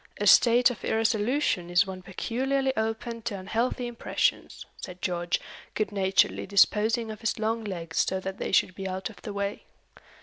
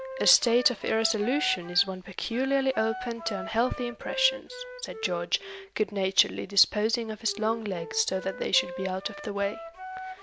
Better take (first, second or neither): first